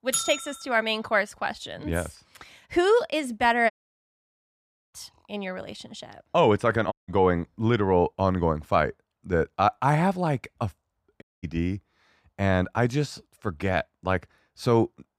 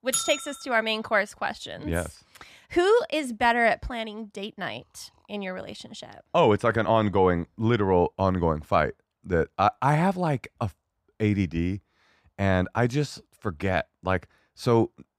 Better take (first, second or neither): second